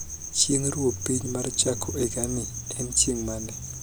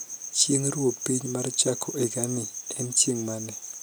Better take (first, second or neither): second